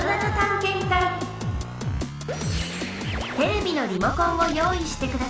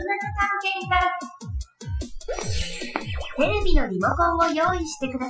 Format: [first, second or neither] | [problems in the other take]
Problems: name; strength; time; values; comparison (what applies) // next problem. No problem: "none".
first | noise reduction (classical method Wiener filter)